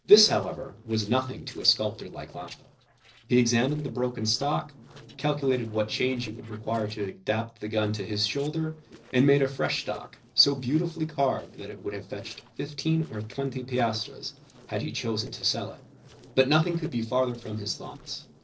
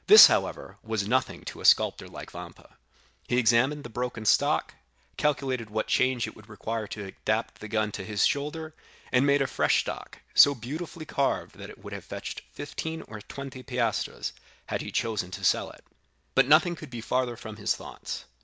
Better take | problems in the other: second | noise reduction (neural separator model SepFormer DNS4)

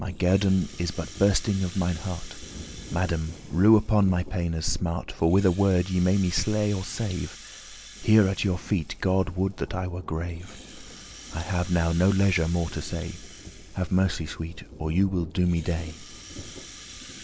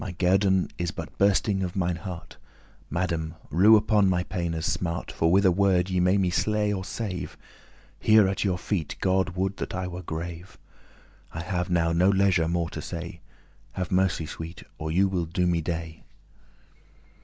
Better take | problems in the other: second | background sound (Rattle (instrument) + Thunder); 18 dB below the speech

